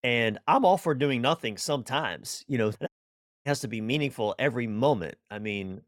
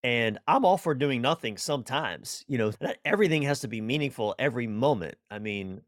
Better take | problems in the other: second | audio cutting out; at 3 s for 0.5 s

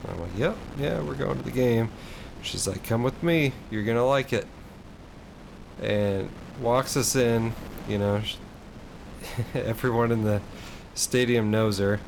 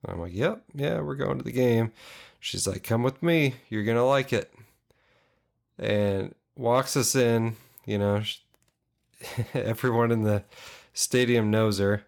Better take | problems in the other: second | wind noise on the microphone; occasional gusts; 20 dB below the speech

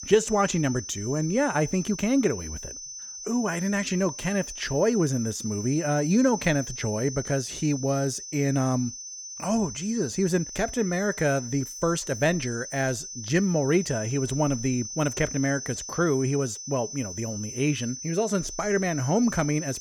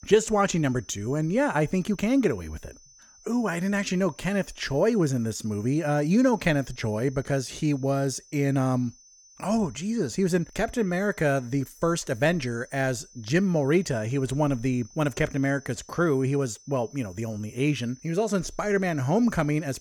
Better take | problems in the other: second | high-pitched whine; loud; throughout; 6 kHz, 9 dB below the speech; faint in the second

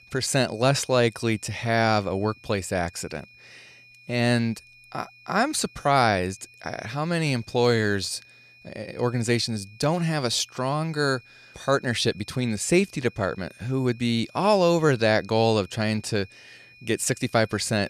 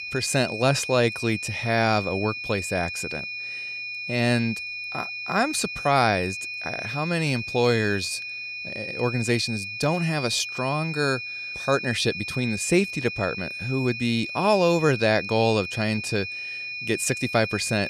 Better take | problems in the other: first | high-pitched whine; loud; throughout; 2.5 kHz, 6 dB below the speech; faint in the first

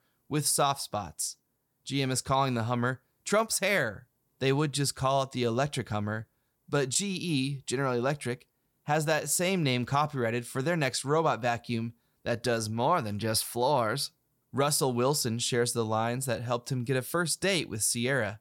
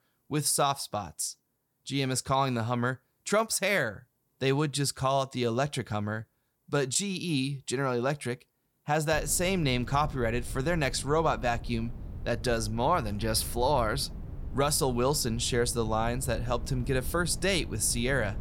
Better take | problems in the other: first | wind noise on the microphone; occasional gusts; from 9 s on; 25 dB below the speech

